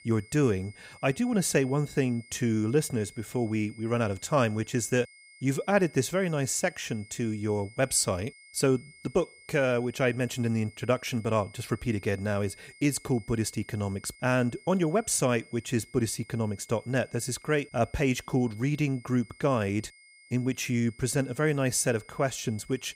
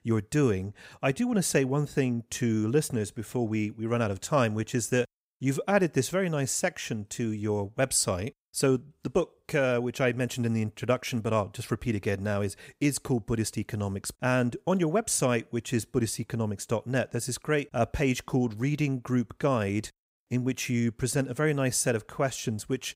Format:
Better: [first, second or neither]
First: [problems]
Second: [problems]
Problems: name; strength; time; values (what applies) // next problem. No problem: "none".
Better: second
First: high-pitched whine; faint; throughout; 2 kHz, 25 dB below the speech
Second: none